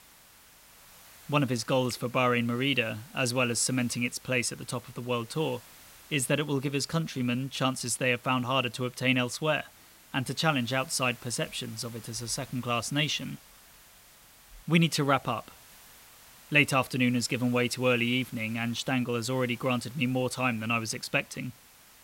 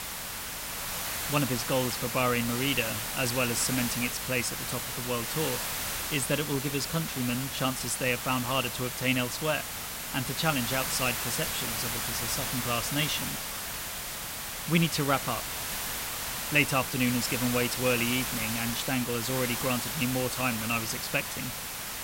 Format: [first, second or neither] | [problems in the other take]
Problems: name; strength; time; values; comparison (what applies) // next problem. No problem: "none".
first | hiss; loud; throughout; 2 dB below the speech; faint in the first